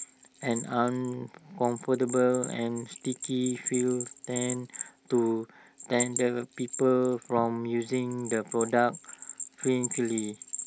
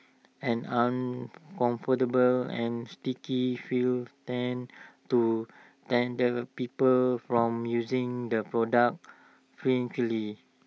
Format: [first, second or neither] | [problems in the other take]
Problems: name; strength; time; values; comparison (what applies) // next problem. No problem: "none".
second | background sound (Bell); 10 dB below the speech